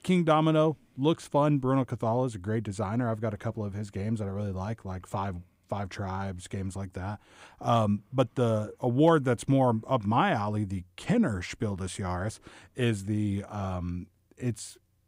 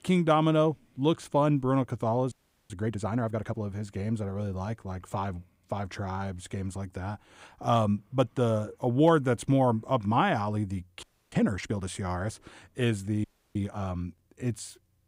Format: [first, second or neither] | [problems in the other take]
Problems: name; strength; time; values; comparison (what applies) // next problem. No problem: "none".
first | audio freezing; at 2.5 s, at 11 s and at 13 s